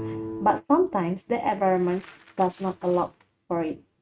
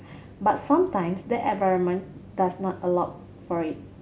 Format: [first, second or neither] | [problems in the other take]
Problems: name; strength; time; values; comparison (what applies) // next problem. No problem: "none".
second | noise reduction (neural mask model RNNoise)